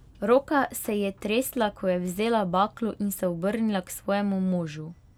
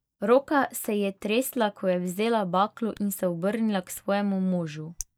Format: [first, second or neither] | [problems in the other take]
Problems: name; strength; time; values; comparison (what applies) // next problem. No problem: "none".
first | noise reduction (neural mask model DeepFilterNet 3)